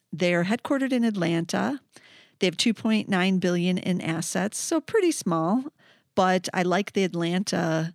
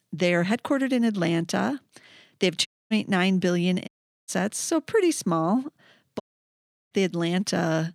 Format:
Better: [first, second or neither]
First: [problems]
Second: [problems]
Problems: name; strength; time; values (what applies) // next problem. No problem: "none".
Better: first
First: none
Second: audio cutting out; at 2.5 s, at 4 s and at 6 s for 0.5 s